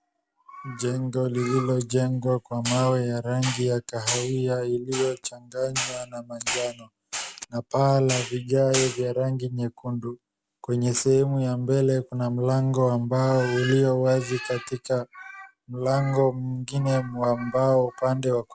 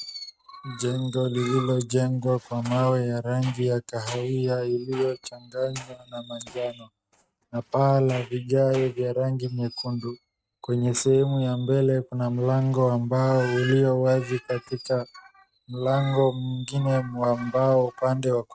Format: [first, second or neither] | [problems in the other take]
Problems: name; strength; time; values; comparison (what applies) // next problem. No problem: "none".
first | noise reduction (neural mask model RNNoise)